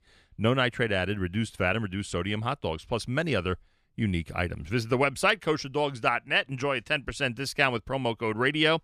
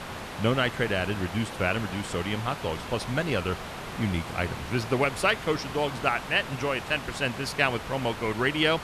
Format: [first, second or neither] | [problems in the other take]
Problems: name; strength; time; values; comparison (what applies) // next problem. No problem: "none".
first | hiss; loud; throughout; 9 dB below the speech